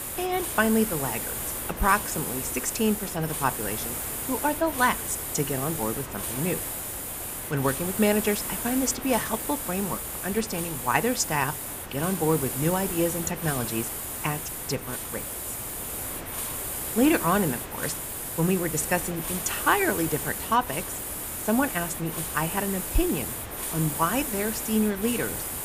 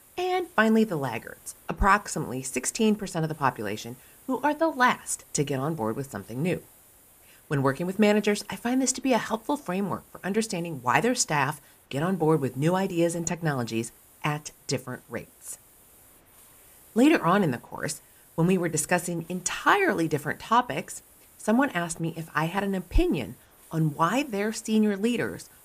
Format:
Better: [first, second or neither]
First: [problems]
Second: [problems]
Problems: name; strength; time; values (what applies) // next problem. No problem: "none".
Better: second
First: hiss; loud; throughout; 3 dB below the speech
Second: hiss; faint; throughout; 25 dB below the speech